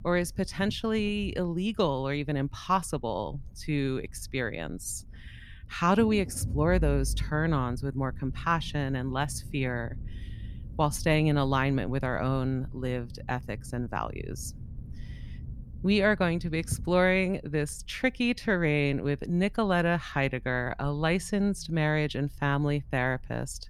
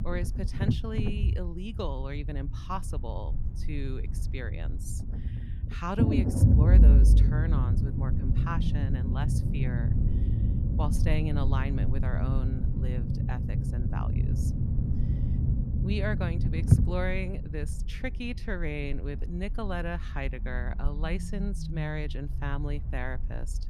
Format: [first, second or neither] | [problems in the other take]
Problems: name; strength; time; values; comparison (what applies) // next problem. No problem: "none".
first | low rumble; loud; throughout; 2 dB below the speech; faint in the first